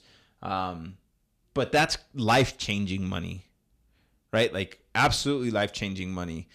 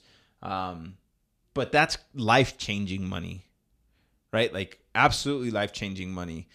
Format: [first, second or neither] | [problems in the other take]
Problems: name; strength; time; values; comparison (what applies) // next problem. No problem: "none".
second | distortion; slight; 1.5% of the sound clipped